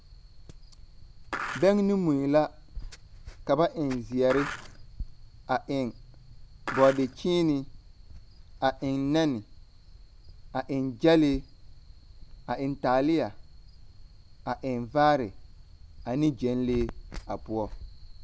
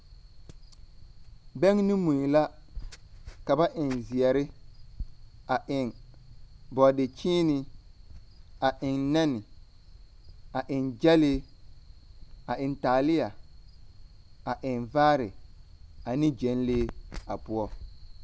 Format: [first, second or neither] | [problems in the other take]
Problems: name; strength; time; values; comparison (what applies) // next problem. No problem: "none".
second | background sound (Skateboard); 7 dB below the speech